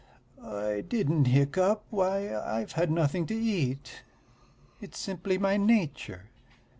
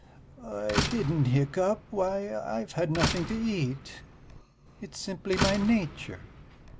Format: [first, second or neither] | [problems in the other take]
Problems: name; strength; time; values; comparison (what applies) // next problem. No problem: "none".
first | background sound (Slam); 6 dB below the speech